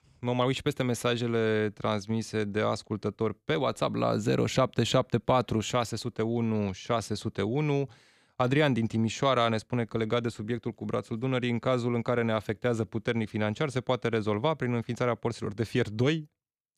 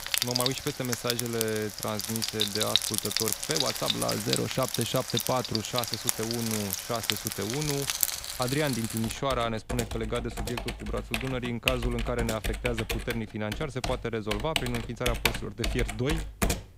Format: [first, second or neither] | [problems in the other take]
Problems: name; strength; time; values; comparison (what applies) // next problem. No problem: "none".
first | household noises; very loud; throughout; 1 dB above the speech